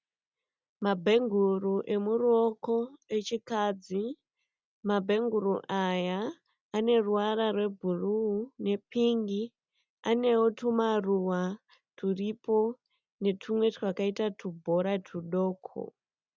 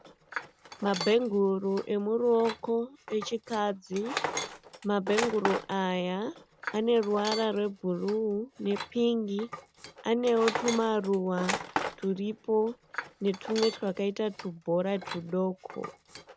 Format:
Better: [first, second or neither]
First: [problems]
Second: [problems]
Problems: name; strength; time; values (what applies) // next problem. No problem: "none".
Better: first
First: none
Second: background sound (Tools); 10 dB below the speech